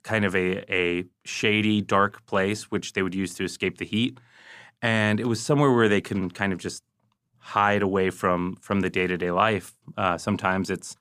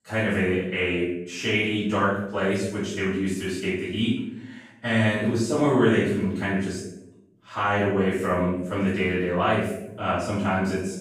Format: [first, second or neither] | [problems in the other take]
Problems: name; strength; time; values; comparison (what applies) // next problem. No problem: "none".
first | off-mic speech; far // room echo; strong; dies away in 0.7 s